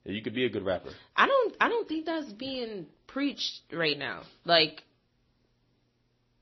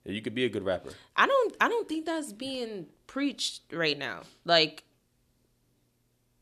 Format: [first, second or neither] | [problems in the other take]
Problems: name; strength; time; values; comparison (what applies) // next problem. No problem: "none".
second | garbled, watery; slightly; nothing above 5 kHz